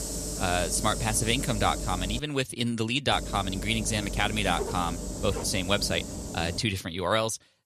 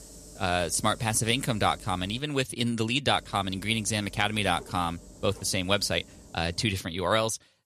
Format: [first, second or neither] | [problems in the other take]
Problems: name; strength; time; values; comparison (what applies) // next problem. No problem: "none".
second | hiss; loud; until 2 s and from 3 to 6.5 s; 7 dB below the speech; faint in the second